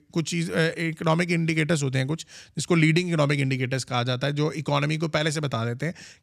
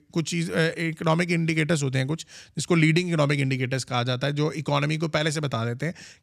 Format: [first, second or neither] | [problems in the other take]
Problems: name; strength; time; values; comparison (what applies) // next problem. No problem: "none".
neither | none